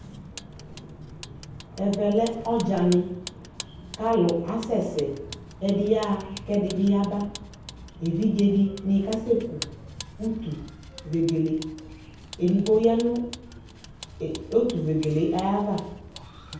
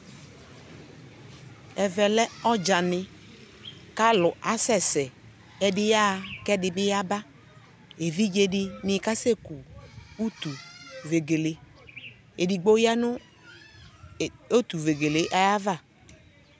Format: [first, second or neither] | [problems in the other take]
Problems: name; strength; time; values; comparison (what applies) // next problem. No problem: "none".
second | background sound (Vehicle); 16 dB below the speech // room echo; dies away in 0.9 s